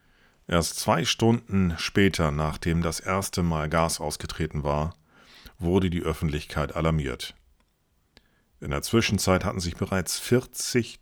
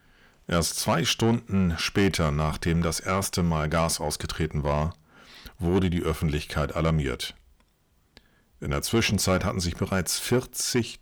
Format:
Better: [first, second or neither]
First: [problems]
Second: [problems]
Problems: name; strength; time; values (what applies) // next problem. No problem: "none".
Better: first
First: none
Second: distortion; slight; 10 dB below the speech